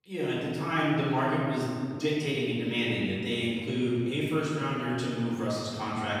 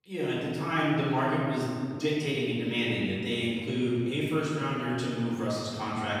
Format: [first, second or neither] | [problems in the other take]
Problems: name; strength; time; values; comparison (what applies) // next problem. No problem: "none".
neither | room echo; strong; dies away in 2.2 s; the same in both // off-mic speech; far; the same in both